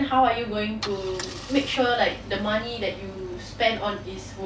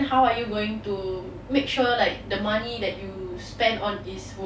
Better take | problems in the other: second | background sound (Idling / Engine starting / Car); 17 dB below the speech

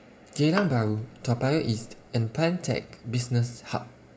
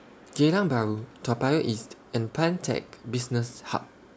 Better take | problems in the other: second | background sound (Bowed string instrument); 13 dB below the speech // room echo; dies away in 0.4 s

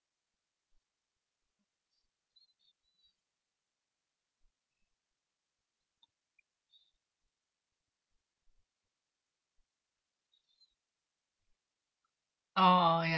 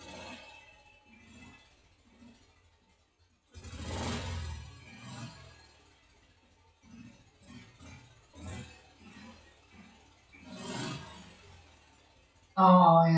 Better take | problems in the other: first | noise reduction (classical method WPE with log-MMSE)

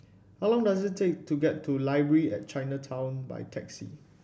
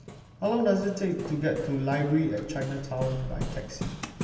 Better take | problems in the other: first | background sound (Hammer); 9 dB below the speech // room echo; dies away in 2.1 s

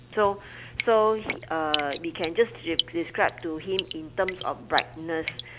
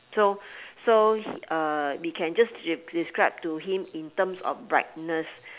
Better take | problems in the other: second | background sound (Drip); 9 dB below the speech

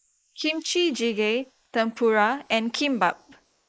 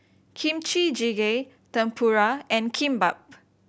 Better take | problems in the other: second | noise reduction (neural mask model Resemble Enhance denoiser)

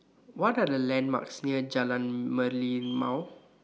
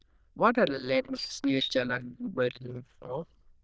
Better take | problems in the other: first | noise reduction (neural diffusion model UNIVERSE++)

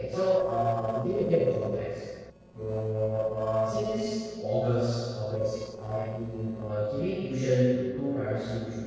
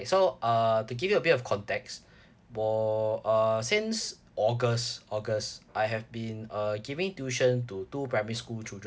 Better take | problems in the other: second | noise reduction (neural separator model SepFormer DNS4)

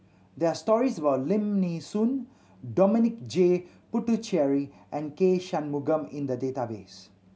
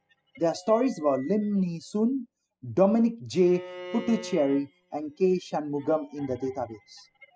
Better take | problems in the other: first | noise reduction (classical method spectral subtraction)

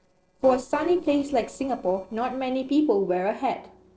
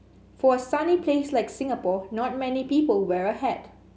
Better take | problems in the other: second | noise reduction (neural separator model SepFormer DNS4)

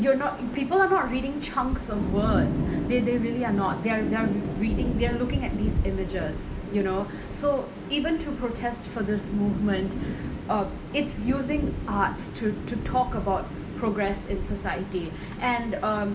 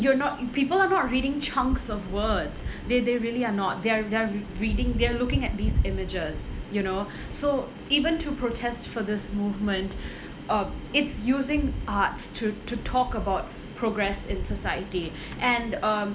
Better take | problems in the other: second | background sound (Thunder / Rain); 7 dB below the speech // room echo; dies away in 1 s

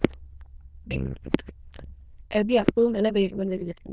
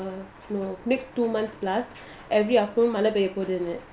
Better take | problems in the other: second | noise reduction (neural diffusion model UNIVERSE++)

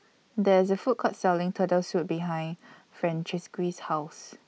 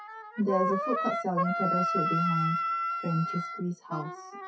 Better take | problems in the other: first | noise reduction (classical method WPE with log-MMSE)

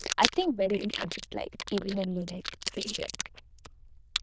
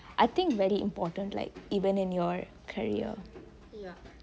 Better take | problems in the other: second | noise reduction (neural diffusion model UNIVERSE++)

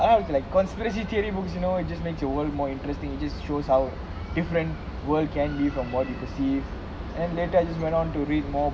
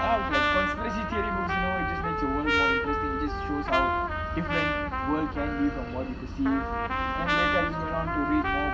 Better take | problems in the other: first | background sound (Trumpet); 1 dB above the speech // room echo; dies away in 1.4 s

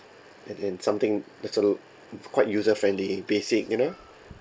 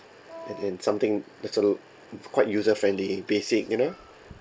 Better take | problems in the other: first | background sound (Wind instrument, woodwind instrument); 17 dB below the speech

